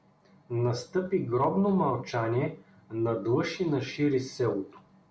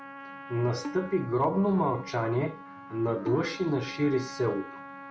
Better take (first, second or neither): first